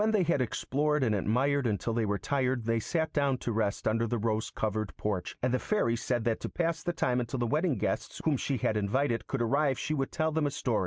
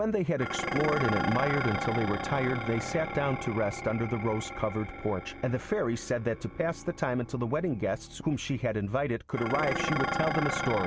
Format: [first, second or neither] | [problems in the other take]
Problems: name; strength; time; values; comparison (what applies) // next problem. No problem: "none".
first | background sound (Dishes, pots, and pans); 5 dB below the speech